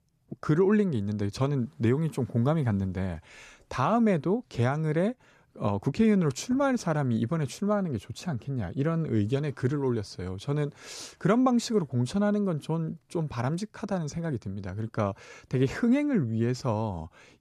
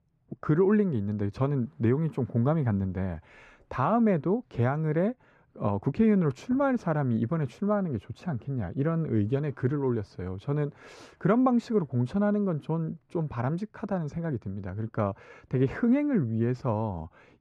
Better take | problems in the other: first | muffled; slightly; fading above 3 kHz

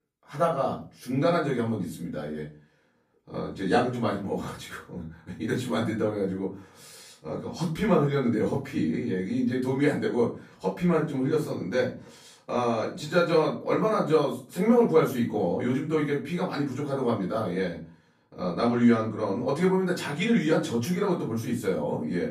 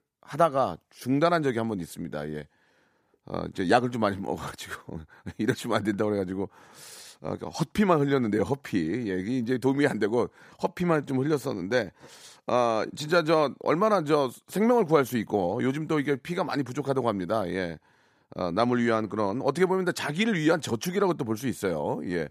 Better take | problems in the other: second | off-mic speech; far // room echo; slight; dies away in 0.3 s

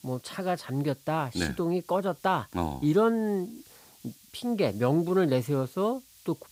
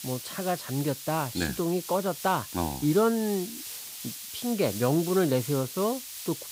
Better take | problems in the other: first | hiss; loud; throughout; 9 dB below the speech; faint in the first

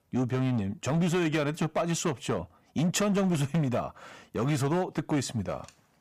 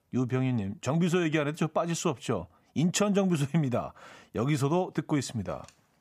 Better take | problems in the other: second | distortion; slight; 11% of the sound clipped

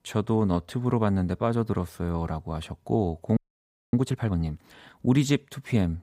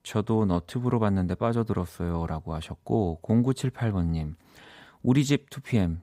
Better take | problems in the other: second | audio freezing; at 3.5 s for 0.5 s

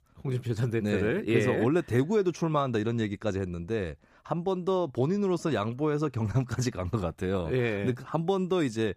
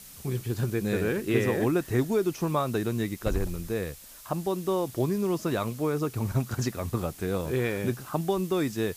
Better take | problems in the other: first | hiss; noticeable; throughout; 15 dB below the speech

